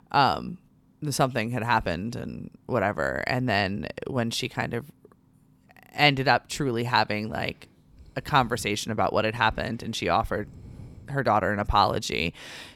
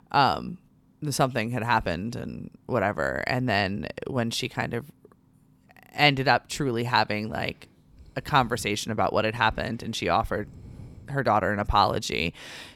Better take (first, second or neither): neither